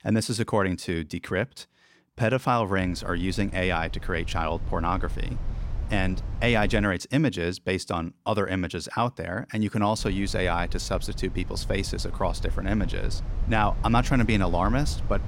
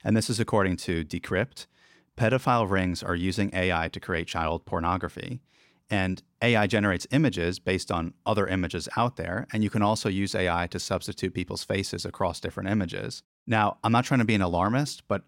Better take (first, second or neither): second